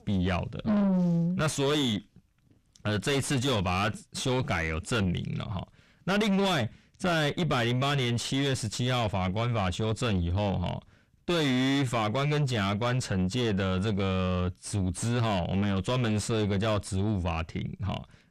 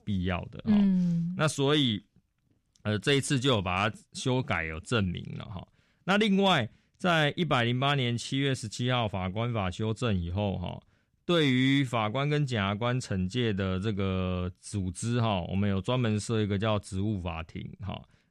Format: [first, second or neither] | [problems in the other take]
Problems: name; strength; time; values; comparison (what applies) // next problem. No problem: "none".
second | distortion; heavy; 5 dB below the speech